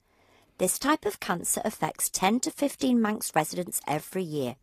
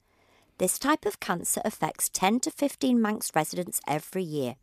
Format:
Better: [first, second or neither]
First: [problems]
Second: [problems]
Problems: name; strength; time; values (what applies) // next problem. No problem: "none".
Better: second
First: garbled, watery; slightly; nothing above 14.5 kHz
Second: none